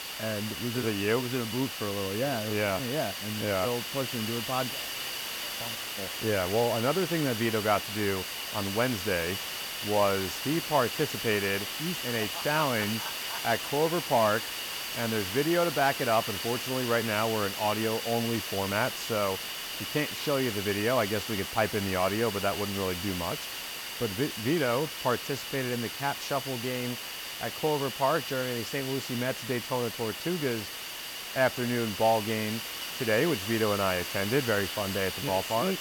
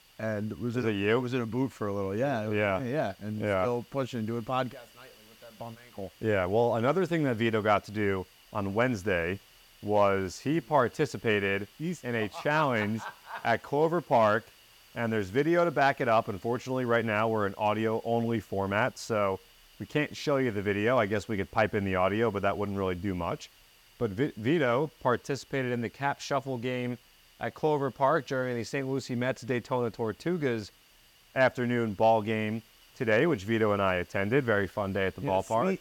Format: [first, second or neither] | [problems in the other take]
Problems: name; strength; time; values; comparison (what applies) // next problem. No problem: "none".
second | hiss; loud; throughout; 4 dB below the speech; faint in the second